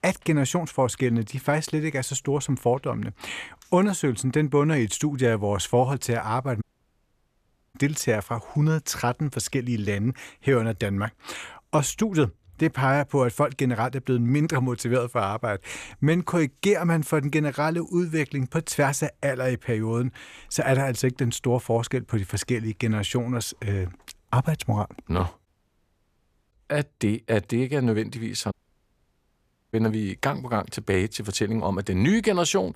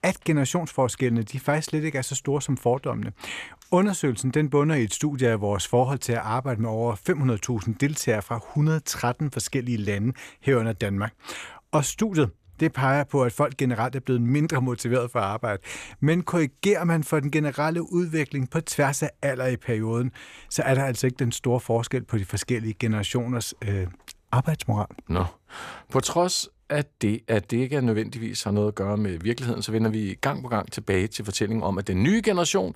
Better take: second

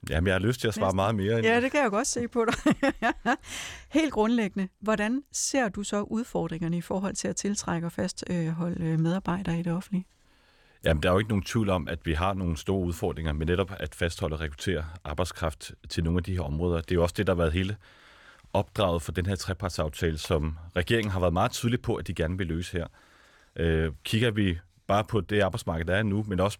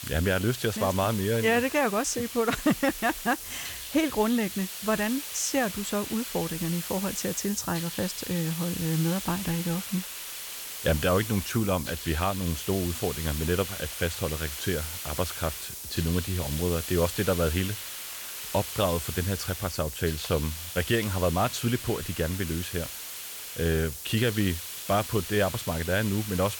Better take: first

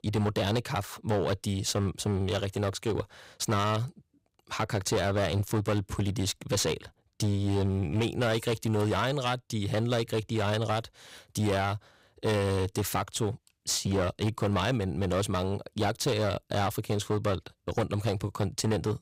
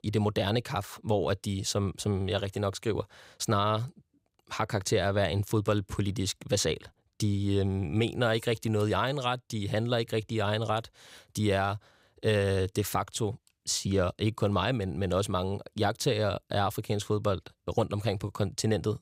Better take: second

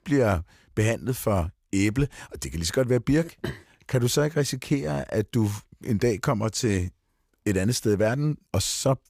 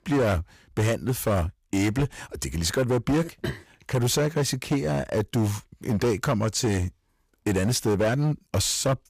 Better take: first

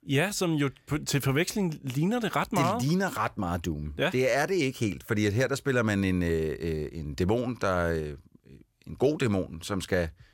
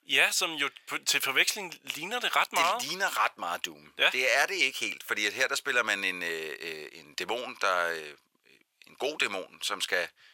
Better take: first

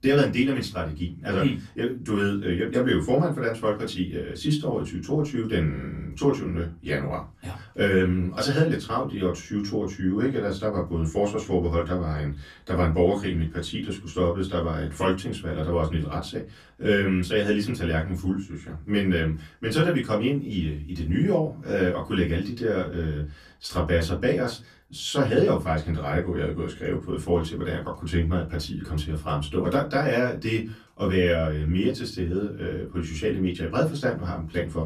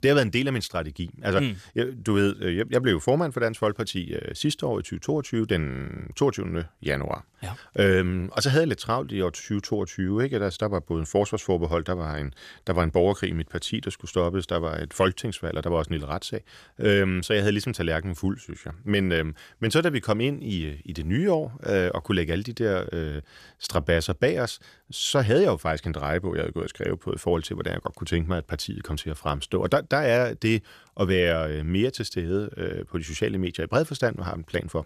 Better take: second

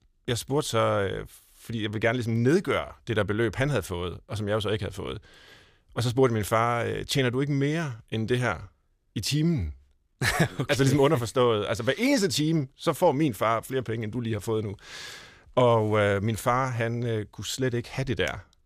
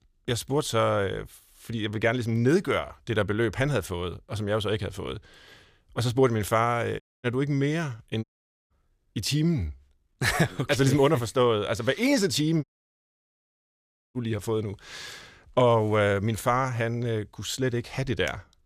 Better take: first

